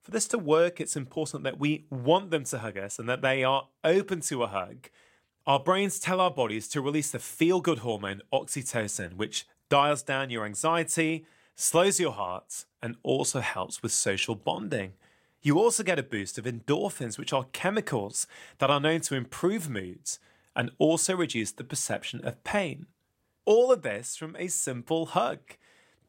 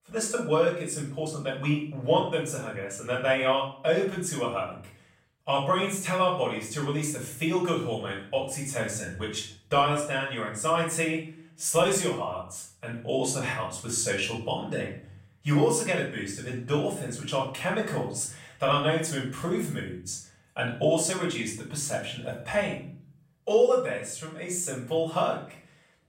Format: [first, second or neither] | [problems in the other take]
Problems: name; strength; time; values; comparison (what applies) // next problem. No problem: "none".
first | room echo; noticeable; dies away in 0.5 s // off-mic speech; far